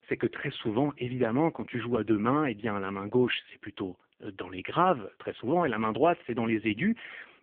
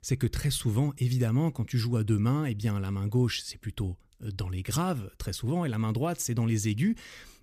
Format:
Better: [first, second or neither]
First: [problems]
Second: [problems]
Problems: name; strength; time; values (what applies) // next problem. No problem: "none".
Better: second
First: phone-call audio; poor line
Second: none